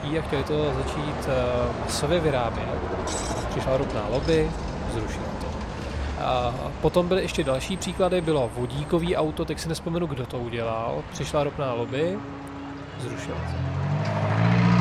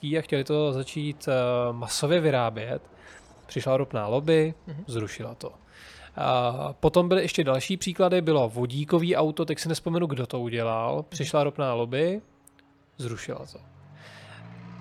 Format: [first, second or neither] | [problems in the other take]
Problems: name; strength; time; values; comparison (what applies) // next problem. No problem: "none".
second | traffic noise; loud; throughout; 4 dB below the speech; faint in the second